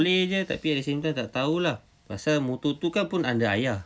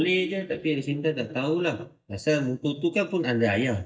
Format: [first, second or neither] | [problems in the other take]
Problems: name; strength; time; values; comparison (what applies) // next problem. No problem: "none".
first | noise reduction (neural mask model DeepFilterNet 3)